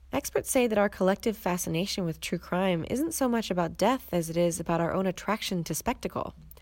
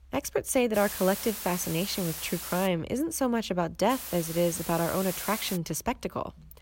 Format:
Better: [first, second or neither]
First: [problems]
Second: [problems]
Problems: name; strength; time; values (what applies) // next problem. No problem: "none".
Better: first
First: none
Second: hiss; loud; from 1 to 2.5 s and from 4 to 5.5 s; 7 dB below the speech